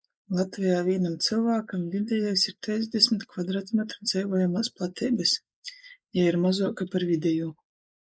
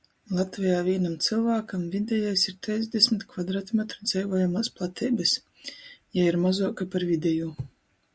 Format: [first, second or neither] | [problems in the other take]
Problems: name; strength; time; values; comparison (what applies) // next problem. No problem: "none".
second | noise reduction (neural mask model Resemble Enhance denoiser)